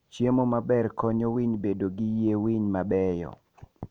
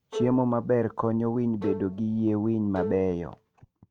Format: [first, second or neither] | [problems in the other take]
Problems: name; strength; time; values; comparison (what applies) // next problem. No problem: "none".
first | noise reduction (neural mask model RNNoise)